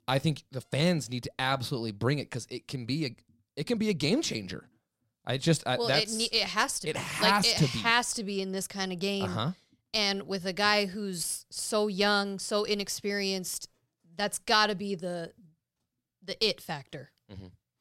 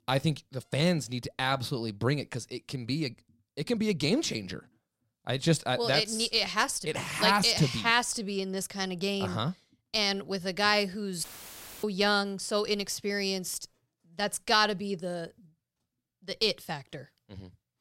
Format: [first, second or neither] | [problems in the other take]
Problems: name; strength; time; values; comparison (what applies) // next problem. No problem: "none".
first | audio cutting out; filled with static; at 11 s for 0.5 s